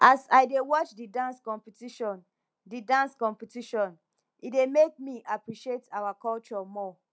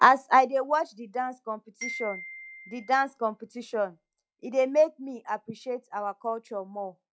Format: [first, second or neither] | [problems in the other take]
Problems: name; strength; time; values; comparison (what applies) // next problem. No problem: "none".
first | noise reduction (classical method log-MMSE)